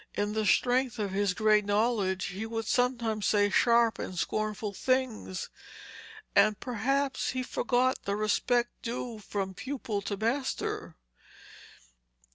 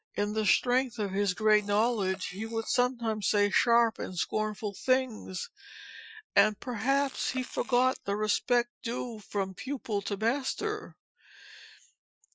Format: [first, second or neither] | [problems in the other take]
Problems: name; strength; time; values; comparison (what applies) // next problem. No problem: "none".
first | noise reduction (classical method Wiener filter)